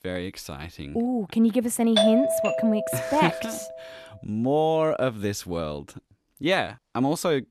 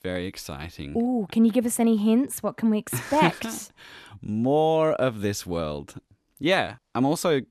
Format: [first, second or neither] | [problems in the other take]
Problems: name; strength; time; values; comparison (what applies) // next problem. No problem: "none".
second | doorbell; loud; from 2 to 3.5 s; peak 4 dB above the speech